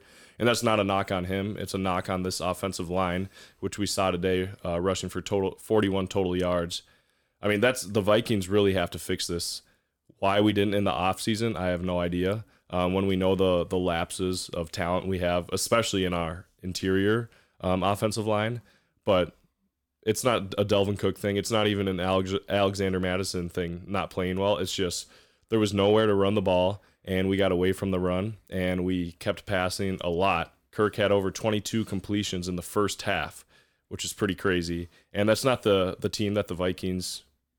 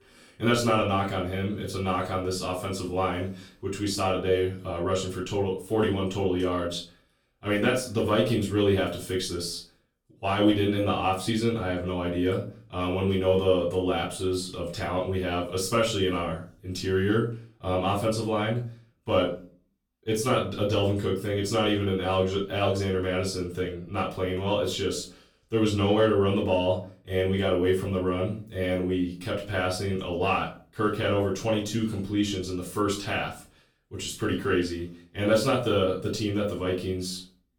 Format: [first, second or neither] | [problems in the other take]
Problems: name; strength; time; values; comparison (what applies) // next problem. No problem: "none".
first | off-mic speech; far // room echo; slight; dies away in 0.3 s